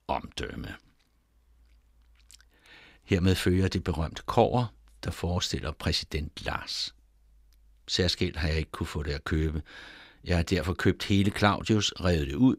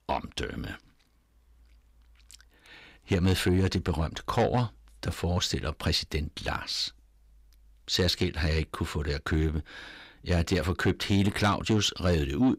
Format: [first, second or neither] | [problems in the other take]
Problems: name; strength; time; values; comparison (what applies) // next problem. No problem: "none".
first | distortion; slight; 10 dB below the speech